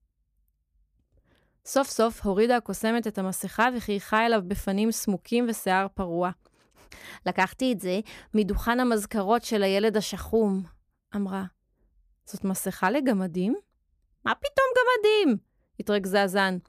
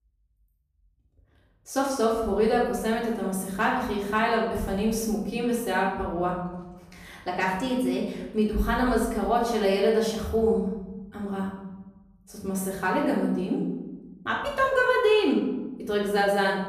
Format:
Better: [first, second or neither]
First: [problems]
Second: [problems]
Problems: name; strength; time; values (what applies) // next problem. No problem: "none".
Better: first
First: none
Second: off-mic speech; far // room echo; noticeable; dies away in 1.3 s